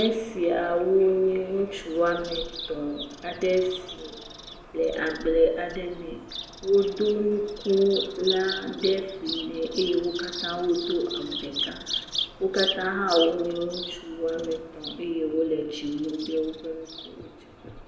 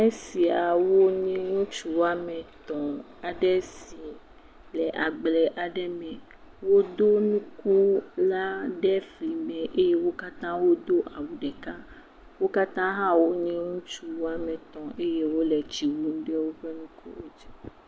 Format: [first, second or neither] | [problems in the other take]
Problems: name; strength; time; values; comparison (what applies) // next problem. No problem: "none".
second | background sound (Bird vocalization, bird call, bird song); 10 dB below the speech // room echo; dies away in 0.8 s